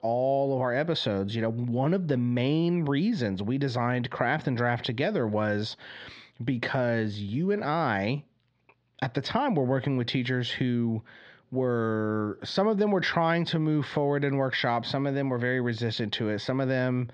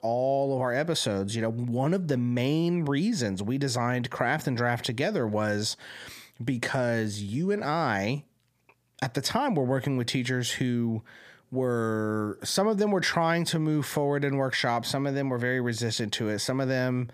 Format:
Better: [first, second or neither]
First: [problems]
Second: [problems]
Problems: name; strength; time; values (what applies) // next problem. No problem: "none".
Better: second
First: muffled; very slightly; fading above 4 kHz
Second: none